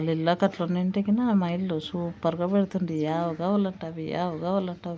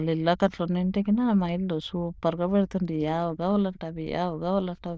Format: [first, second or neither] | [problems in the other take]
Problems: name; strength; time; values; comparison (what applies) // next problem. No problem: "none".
first | noise reduction (neural diffusion model UNIVERSE++)